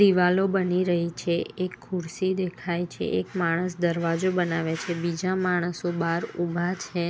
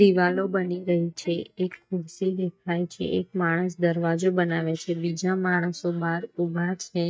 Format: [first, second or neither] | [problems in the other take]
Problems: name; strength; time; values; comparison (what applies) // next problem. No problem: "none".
first | noise reduction (neural mask model DeepFilterNet 3)